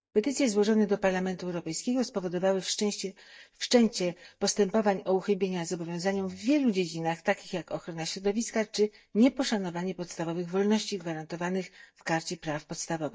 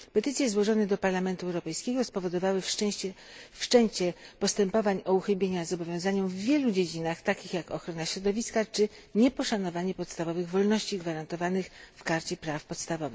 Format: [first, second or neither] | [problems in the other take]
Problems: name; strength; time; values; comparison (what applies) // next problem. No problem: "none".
second | noise reduction (neural mask model DeepFilterNet 3)